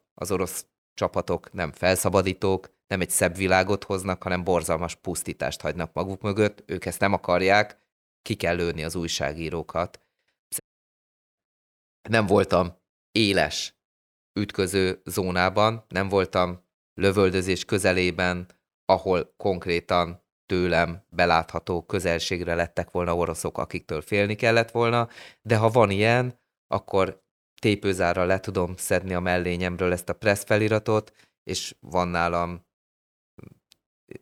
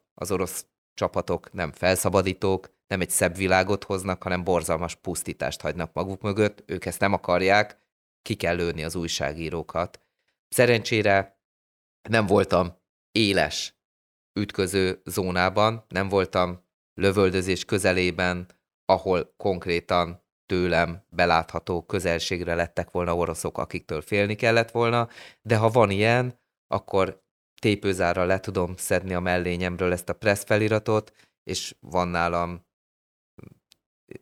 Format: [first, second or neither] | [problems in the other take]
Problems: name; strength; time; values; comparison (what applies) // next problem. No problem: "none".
second | audio cutting out; at 11 s for 1 s